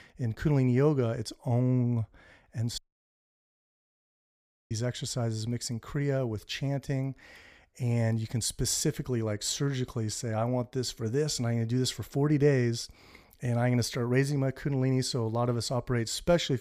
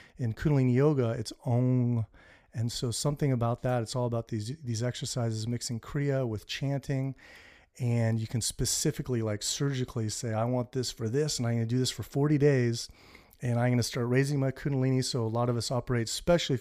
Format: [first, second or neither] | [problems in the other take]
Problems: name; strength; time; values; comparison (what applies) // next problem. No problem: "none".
second | audio cutting out; at 3 s for 2 s